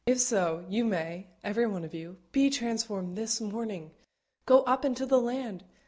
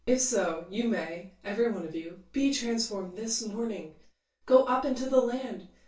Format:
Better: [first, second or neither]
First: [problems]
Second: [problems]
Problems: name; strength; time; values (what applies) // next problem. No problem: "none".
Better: first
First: none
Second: room echo; dies away in 0.2 s